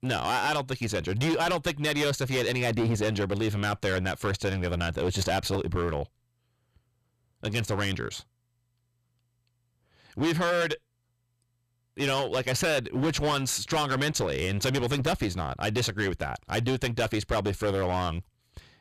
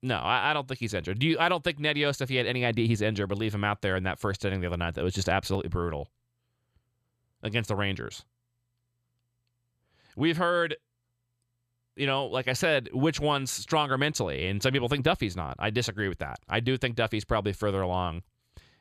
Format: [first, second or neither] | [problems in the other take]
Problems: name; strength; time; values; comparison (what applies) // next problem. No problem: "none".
second | distortion; heavy; 13% of the sound clipped